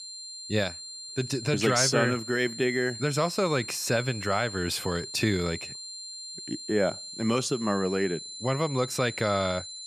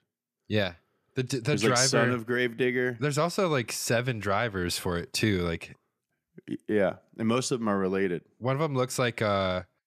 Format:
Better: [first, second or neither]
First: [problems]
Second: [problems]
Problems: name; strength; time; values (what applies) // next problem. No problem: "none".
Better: second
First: high-pitched whine; noticeable; throughout; 4 kHz, 10 dB below the speech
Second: none